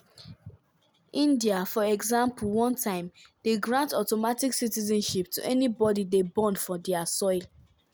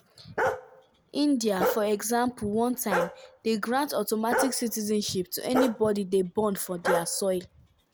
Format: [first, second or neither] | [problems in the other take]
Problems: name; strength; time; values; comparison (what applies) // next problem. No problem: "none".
first | background sound (Bark); 5 dB below the speech